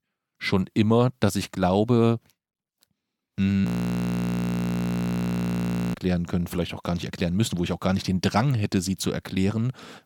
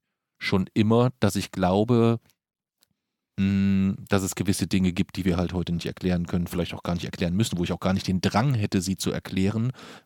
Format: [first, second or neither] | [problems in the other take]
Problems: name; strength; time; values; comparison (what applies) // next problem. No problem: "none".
second | audio freezing; at 3.5 s for 2.5 s